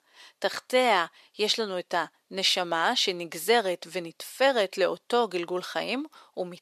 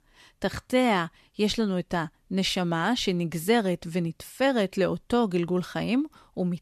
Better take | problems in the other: second | thin; somewhat; fading below 550 Hz

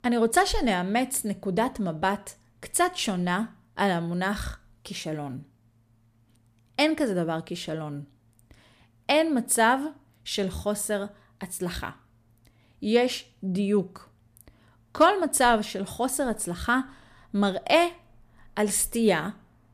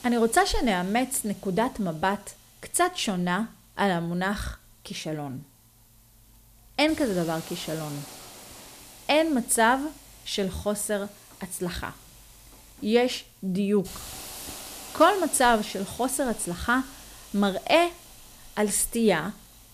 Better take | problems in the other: first | hiss; noticeable; throughout; 20 dB below the speech

